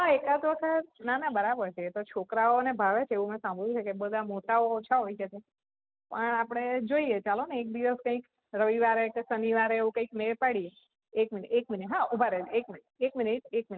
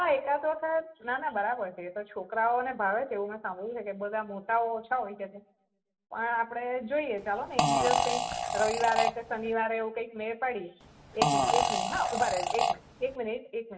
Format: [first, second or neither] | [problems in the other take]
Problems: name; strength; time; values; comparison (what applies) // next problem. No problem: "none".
first | background sound (Fart); 2 dB above the speech // room echo; dies away in 0.6 s